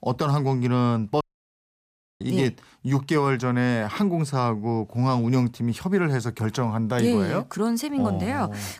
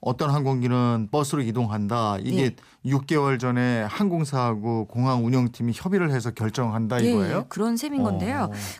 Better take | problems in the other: second | audio cutting out; at 1 s for 1 s

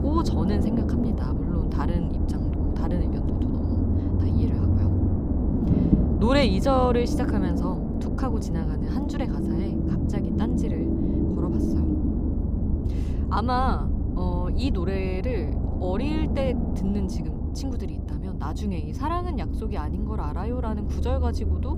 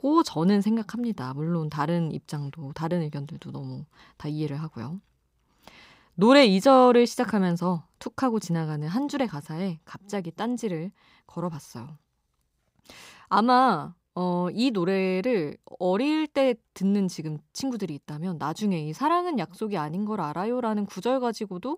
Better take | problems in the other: second | low rumble; loud; throughout; 3 dB below the speech

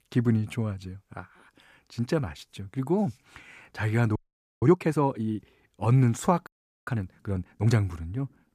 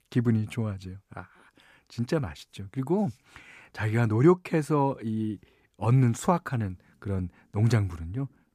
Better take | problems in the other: second | audio freezing; at 4 s and at 6.5 s

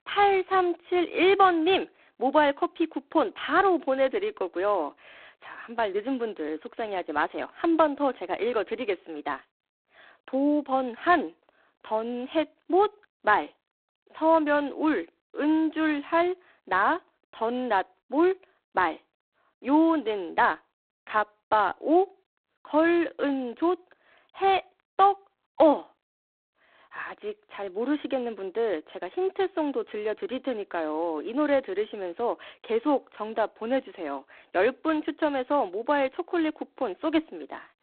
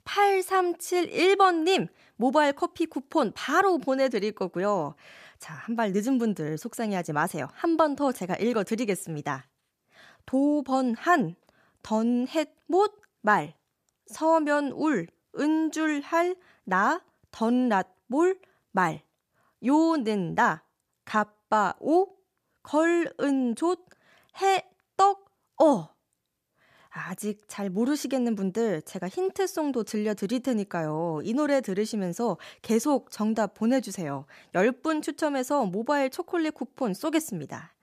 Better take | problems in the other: second | phone-call audio; poor line

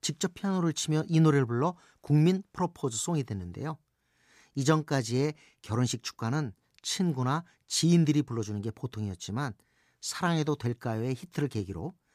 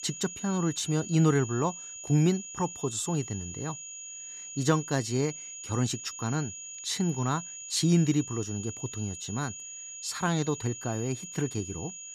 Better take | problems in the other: first | high-pitched whine; loud; throughout; 7 kHz, 9 dB below the speech

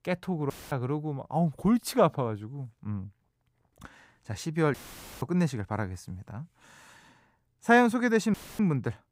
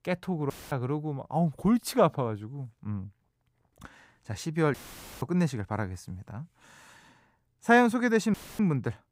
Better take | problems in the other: neither | audio cutting out; filled with static; at 0.5 s, at 4.5 s and at 8.5 s; the same in both

